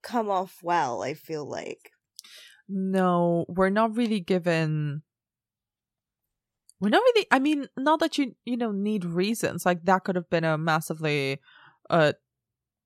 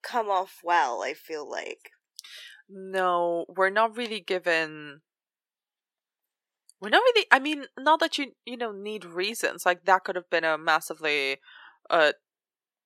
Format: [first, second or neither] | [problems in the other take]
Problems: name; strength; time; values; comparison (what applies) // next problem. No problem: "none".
first | thin; somewhat; fading below 350 Hz